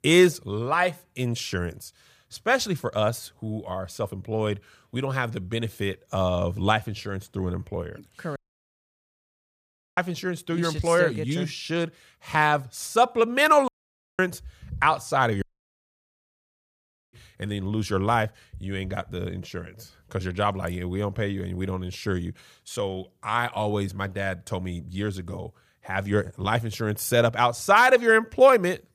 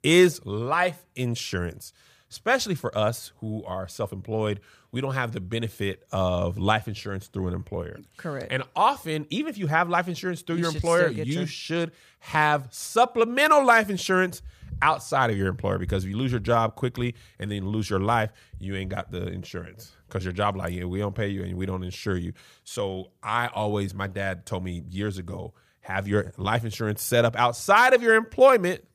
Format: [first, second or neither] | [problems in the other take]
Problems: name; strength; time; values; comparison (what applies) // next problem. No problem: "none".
second | audio cutting out; at 8.5 s for 1.5 s, at 14 s for 0.5 s and at 15 s for 1.5 s